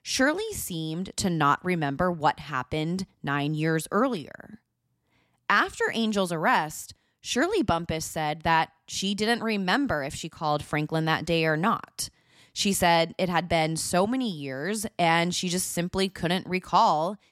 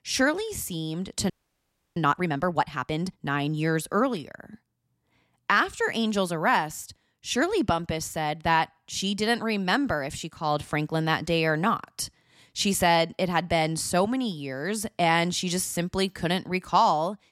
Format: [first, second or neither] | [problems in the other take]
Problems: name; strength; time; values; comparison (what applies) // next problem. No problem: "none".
first | audio freezing; at 1.5 s for 0.5 s